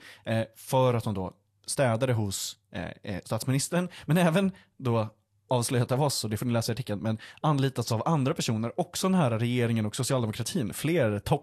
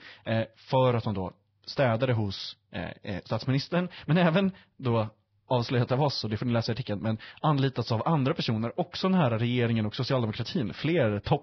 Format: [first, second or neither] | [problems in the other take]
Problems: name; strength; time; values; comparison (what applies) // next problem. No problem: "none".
first | garbled, watery; badly; nothing above 5.5 kHz; slightly in the first